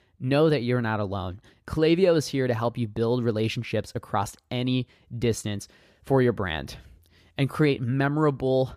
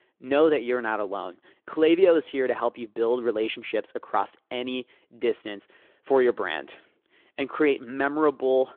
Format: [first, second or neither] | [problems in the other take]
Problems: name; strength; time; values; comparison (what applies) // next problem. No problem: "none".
first | phone-call audio; nothing above 3.5 kHz